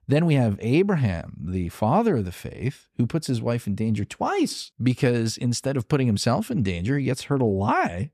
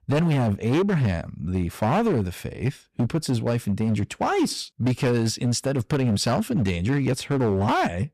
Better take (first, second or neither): first